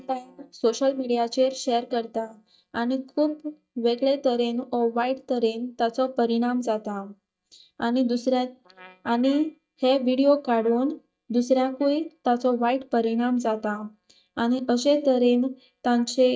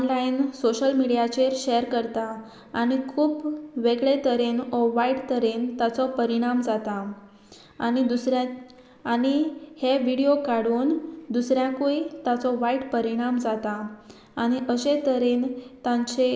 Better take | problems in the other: second | noise reduction (neural mask model DeepFilterNet 3)

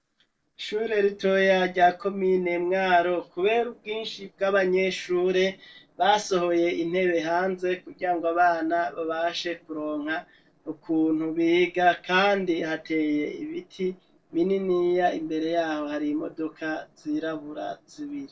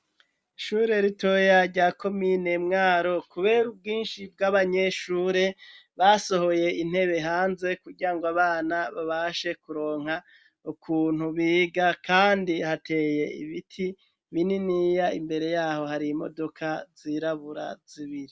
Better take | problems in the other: second | noise reduction (neural separator model SepFormer DNS4)

